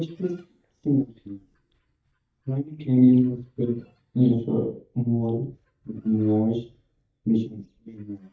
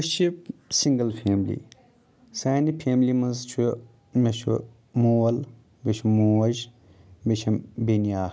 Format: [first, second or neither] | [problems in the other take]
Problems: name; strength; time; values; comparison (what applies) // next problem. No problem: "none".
second | noise reduction (neural mask model DeepFilterNet 3)